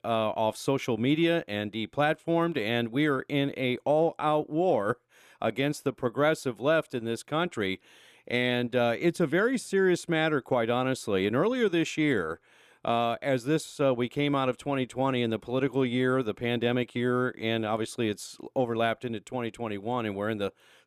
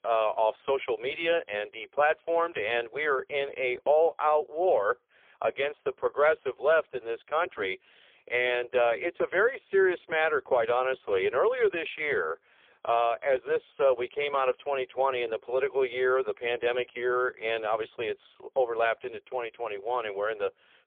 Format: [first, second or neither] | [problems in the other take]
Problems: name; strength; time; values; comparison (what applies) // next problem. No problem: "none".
first | phone-call audio; poor line; nothing above 3.5 kHz